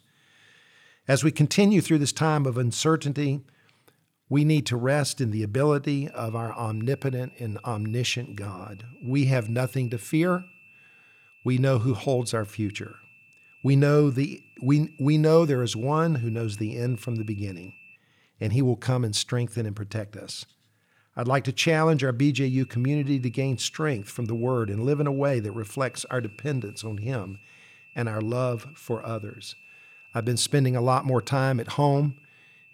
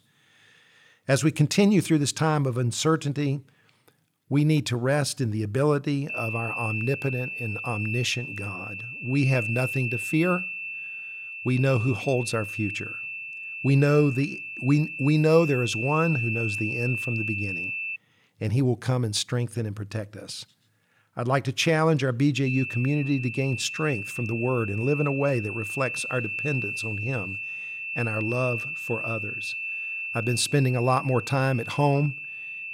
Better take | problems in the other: first | high-pitched whine; loud; from 6 to 18 s and from 22 s on; 2.5 kHz, 5 dB below the speech; faint in the first

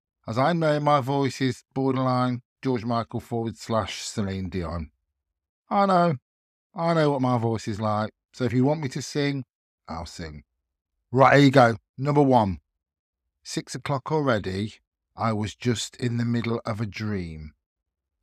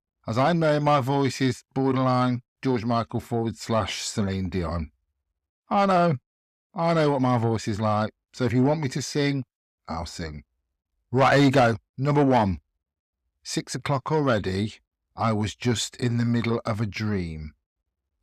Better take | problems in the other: first | distortion; slight; 10 dB below the speech

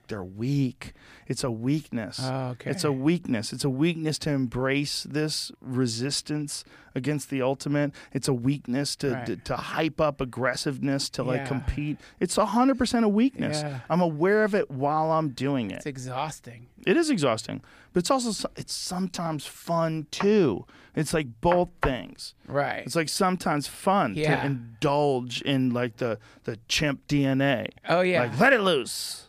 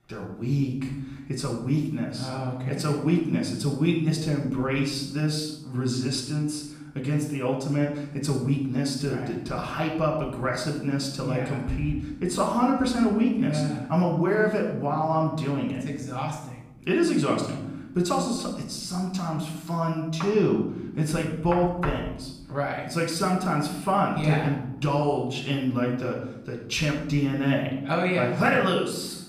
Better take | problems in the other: first | off-mic speech; far // room echo; noticeable; dies away in 0.8 s

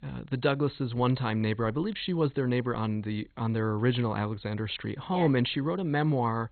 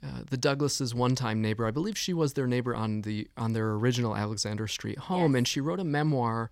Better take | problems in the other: second | garbled, watery; badly; nothing above 4 kHz

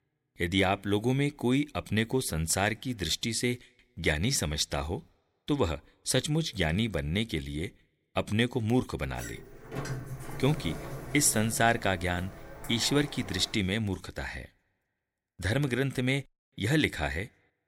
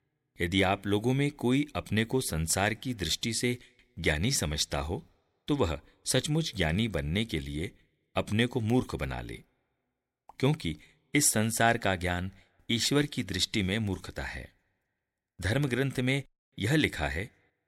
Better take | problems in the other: second | door banging; noticeable; from 9 to 14 s; peak 7 dB below the speech

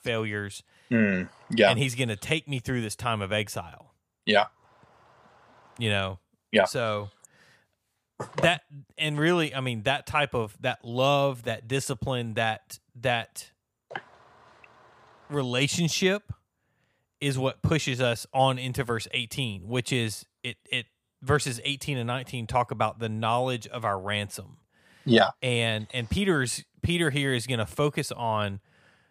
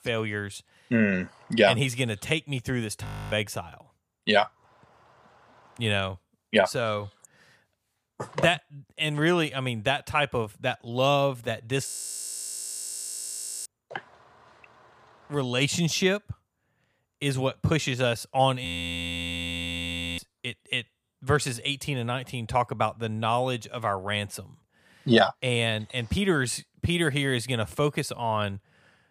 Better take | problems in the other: first | audio freezing; at 3 s, at 12 s for 2 s and at 19 s for 1.5 s

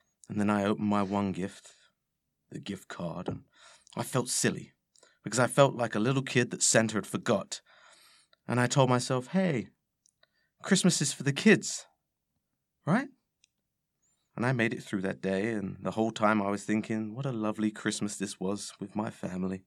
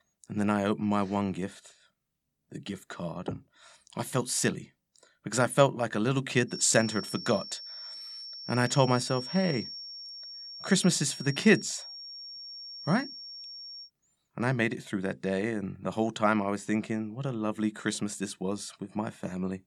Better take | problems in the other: first | high-pitched whine; noticeable; from 6.5 to 14 s; 5.5 kHz, 10 dB below the speech

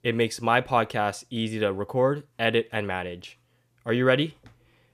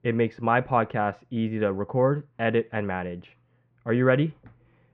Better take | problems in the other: first | muffled; very; fading above 2 kHz

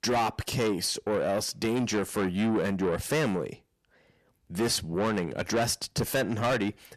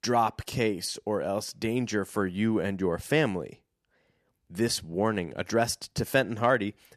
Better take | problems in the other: second | distortion; heavy; 6 dB below the speech

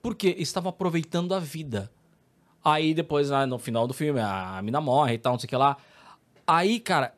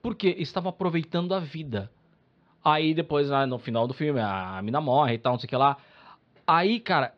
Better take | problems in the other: first | muffled; very slightly; fading above 4 kHz

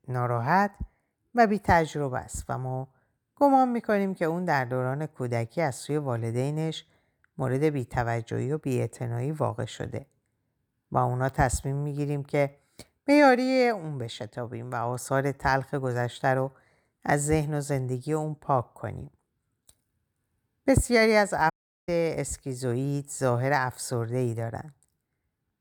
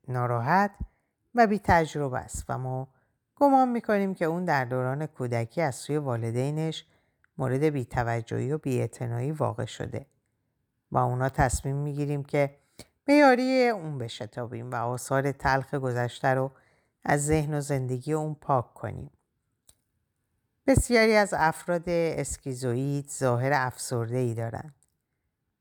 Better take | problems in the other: second | audio cutting out; at 22 s

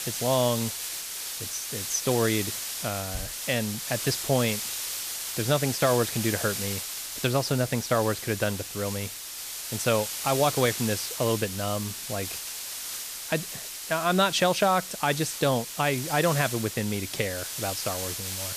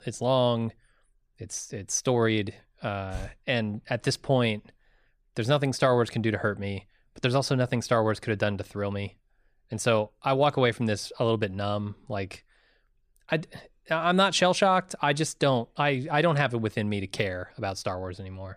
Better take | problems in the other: second | hiss; loud; throughout; 4 dB below the speech

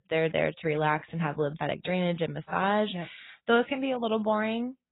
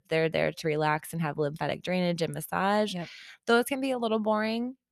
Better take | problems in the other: second | garbled, watery; badly; nothing above 4 kHz

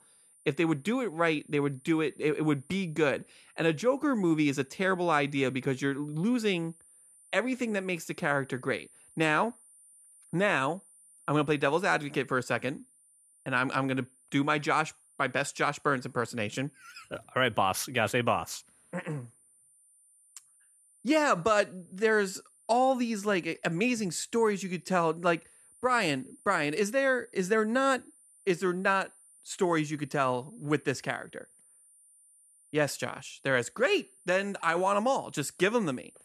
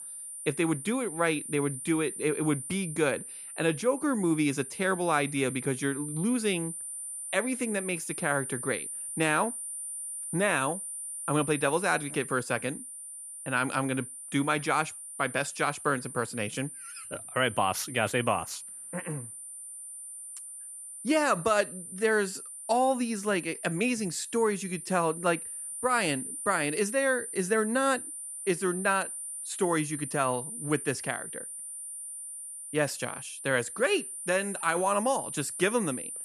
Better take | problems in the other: first | high-pitched whine; loud; throughout; 9 kHz, 8 dB below the speech; faint in the first

